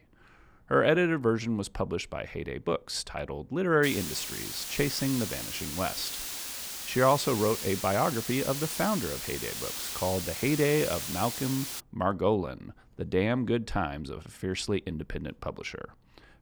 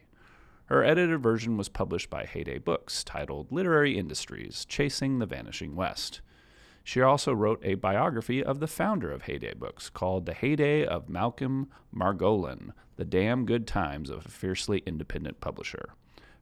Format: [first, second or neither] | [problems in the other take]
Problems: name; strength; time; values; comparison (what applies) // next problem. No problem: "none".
second | hiss; loud; from 4 to 12 s; 5 dB below the speech